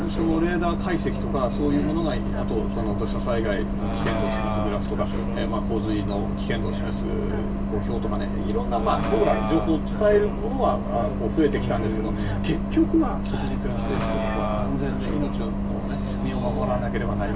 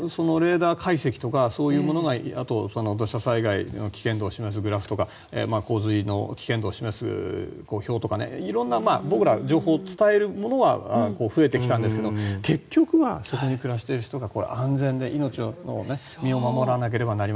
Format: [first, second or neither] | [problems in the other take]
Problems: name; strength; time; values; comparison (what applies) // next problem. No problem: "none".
second | background sound (Bus); 1 dB above the speech // room echo; dies away in 0.2 s